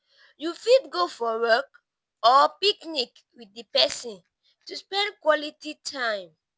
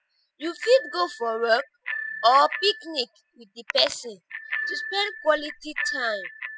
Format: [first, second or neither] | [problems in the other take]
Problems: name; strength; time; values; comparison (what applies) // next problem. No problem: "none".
first | noise reduction (classical method spectral subtraction)